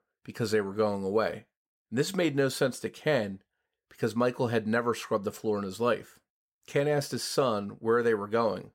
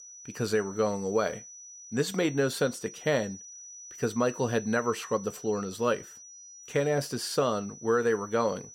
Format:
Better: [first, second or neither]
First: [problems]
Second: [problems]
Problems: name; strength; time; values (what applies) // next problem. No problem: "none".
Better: first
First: none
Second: high-pitched whine; noticeable; throughout; 6 kHz, 15 dB below the speech